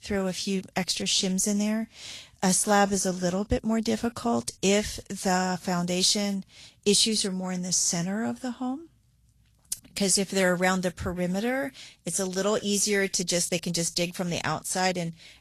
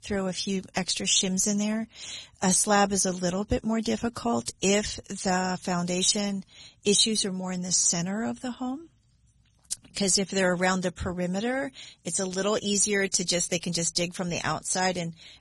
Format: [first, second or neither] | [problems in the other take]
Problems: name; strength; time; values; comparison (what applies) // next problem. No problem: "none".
first | garbled, watery; badly; nothing above 10.5 kHz; slightly in the first